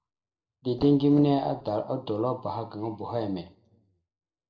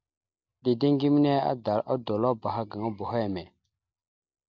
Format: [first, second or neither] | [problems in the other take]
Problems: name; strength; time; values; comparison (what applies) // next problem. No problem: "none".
second | noise reduction (neural separator model SepFormer DNS4)